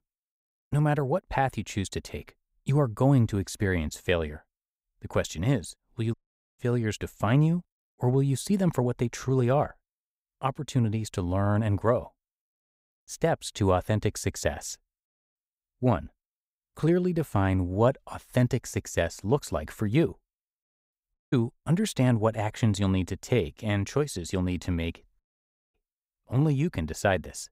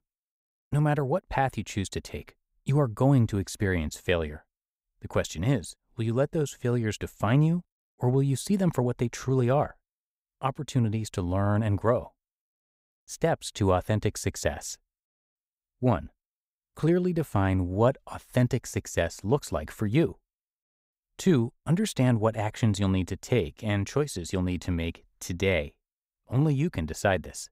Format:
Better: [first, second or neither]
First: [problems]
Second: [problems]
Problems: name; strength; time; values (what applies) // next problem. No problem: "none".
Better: second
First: audio cutting out; at 6 s, at 21 s and at 25 s for 0.5 s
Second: none